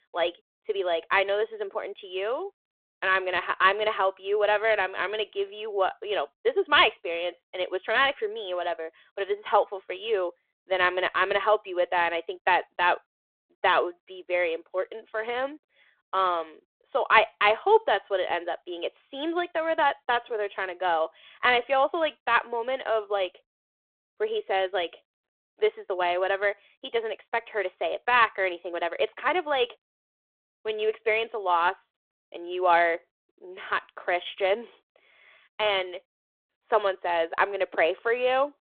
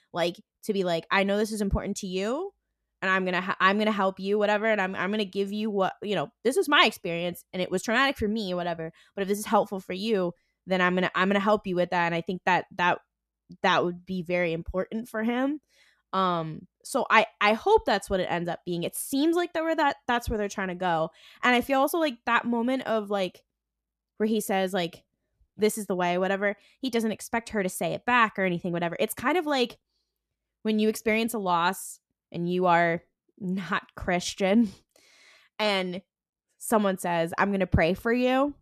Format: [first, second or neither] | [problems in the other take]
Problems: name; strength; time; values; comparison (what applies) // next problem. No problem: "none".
second | phone-call audio